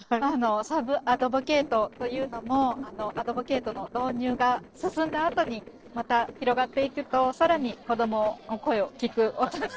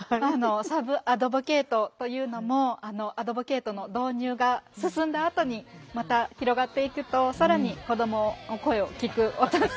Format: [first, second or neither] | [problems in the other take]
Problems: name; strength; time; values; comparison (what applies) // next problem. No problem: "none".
second | noise reduction (neural separator model SepFormer DNS4)